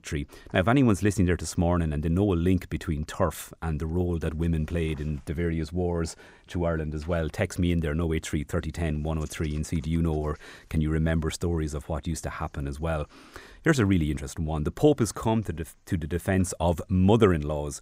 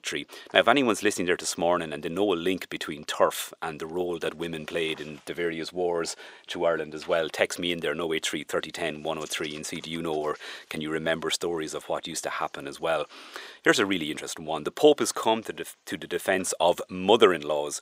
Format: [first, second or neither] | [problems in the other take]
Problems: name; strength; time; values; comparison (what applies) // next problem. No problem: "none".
first | thin; somewhat; fading below 500 Hz